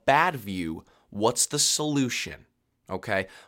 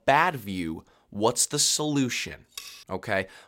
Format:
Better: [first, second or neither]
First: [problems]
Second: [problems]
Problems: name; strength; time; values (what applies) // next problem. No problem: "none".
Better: first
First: none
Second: clattering dishes; faint; at 2.5 s; peak 15 dB below the speech